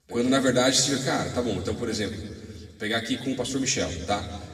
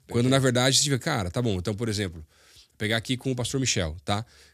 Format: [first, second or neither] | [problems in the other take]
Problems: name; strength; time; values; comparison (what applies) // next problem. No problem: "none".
second | room echo; slight; dies away in 1.8 s // off-mic speech; somewhat distant